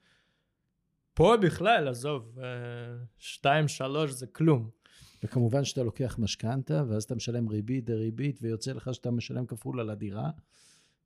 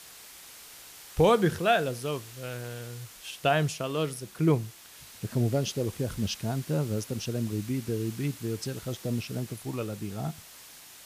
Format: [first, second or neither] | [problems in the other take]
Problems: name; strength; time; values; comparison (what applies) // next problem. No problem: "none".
first | hiss; noticeable; throughout; 15 dB below the speech